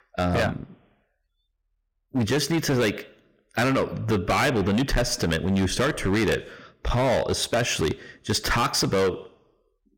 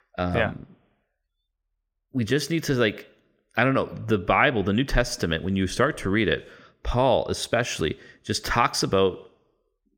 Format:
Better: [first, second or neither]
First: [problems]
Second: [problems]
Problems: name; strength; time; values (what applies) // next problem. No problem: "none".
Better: second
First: distortion; heavy; 14% of the sound clipped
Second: none